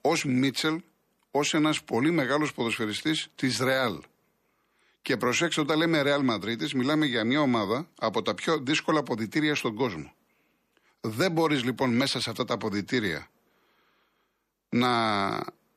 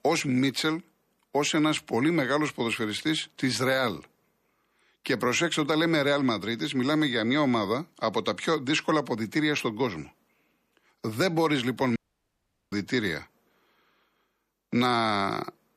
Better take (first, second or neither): first